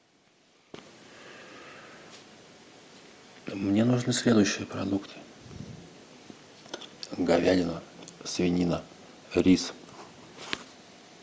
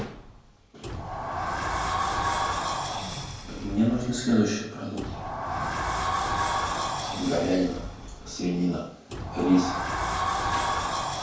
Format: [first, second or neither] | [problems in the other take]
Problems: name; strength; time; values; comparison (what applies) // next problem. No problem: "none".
first | background sound (Sliding door); as loud as the speech // room echo; dies away in 0.5 s